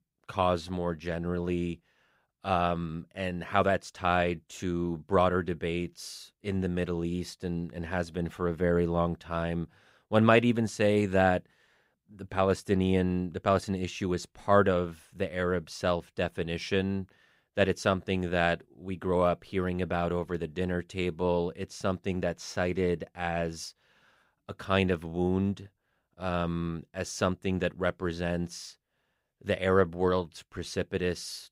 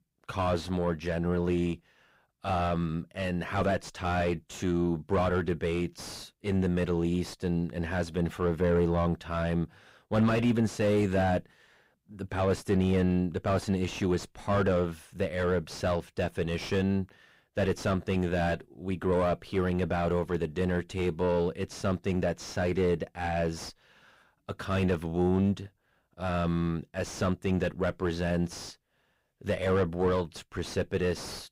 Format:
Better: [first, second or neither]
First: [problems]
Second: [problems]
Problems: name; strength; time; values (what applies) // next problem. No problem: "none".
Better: first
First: none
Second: distortion; heavy; 5 dB below the speech